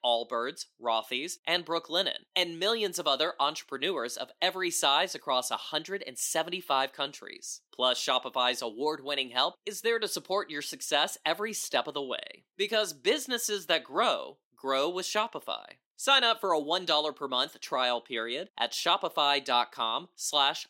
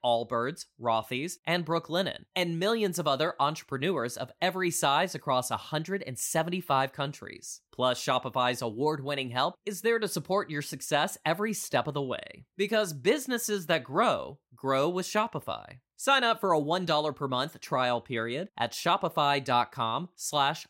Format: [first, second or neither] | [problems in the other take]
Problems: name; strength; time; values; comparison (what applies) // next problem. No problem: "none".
second | thin; somewhat; fading below 300 Hz